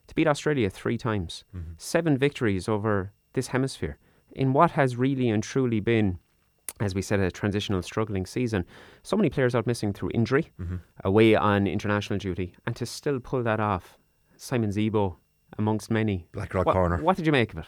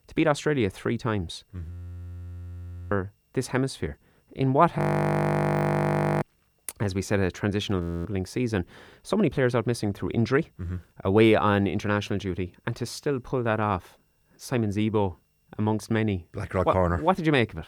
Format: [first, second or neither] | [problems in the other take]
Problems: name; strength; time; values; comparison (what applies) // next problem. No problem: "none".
first | audio freezing; at 1.5 s for 1 s, at 5 s for 1.5 s and at 8 s